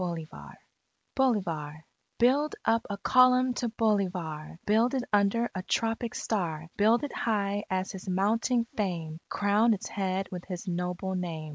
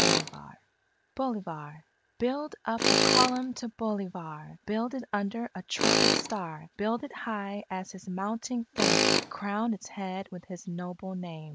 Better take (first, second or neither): first